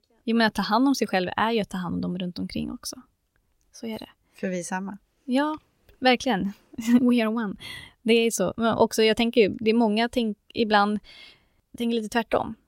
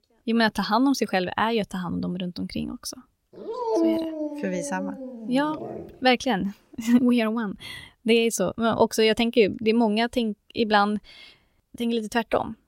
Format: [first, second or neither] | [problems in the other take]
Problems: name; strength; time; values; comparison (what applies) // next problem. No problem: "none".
first | dog barking; loud; from 3.5 to 6 s; peak 1 dB above the speech